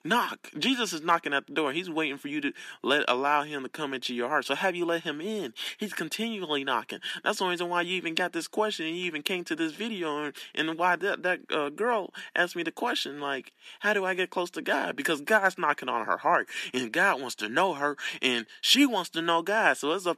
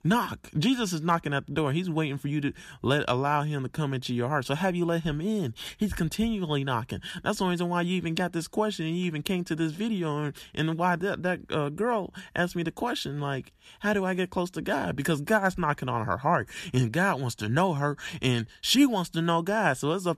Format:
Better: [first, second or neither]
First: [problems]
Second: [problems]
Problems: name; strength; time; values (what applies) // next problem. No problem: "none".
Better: second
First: thin; somewhat; fading below 250 Hz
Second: none